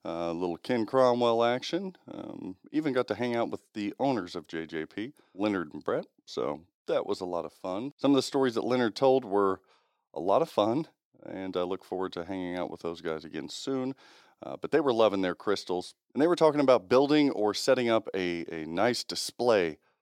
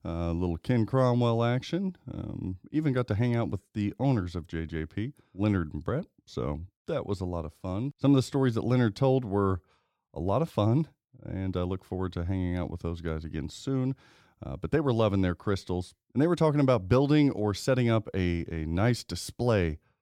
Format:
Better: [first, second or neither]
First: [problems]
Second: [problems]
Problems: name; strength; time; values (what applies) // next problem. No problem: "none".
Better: second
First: thin; somewhat; fading below 350 Hz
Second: none